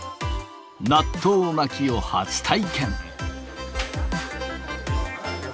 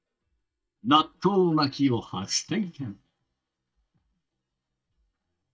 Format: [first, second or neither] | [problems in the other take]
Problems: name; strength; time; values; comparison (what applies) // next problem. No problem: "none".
first | noise reduction (neural mask model DeepFilterNet 3)